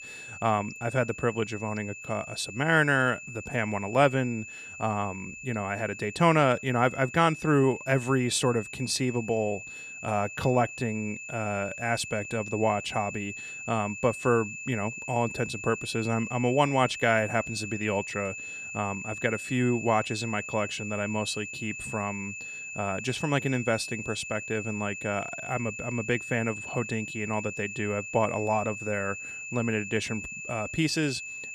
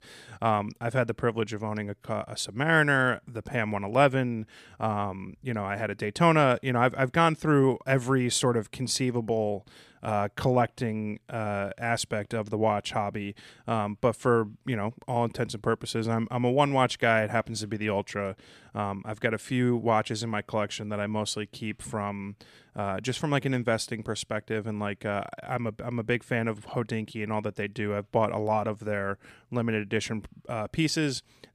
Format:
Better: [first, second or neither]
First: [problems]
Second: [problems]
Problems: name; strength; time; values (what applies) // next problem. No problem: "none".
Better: second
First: high-pitched whine; loud; throughout; 2.5 kHz, 9 dB below the speech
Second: none